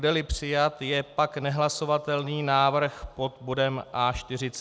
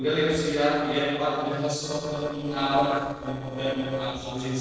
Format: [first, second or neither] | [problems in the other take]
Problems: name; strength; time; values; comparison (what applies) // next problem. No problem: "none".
first | noise reduction (neural separator model SepFormer DNS4)